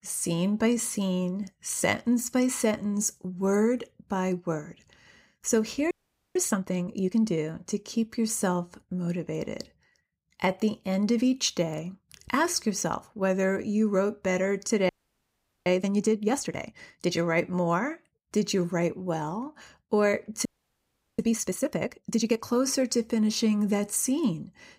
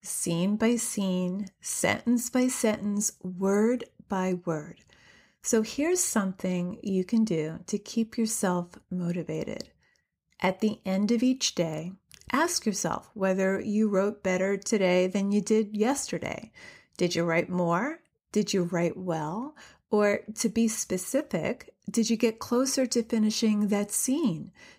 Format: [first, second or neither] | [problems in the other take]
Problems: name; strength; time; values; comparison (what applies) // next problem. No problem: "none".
second | audio freezing; at 6 s, at 15 s for 1 s and at 20 s for 0.5 s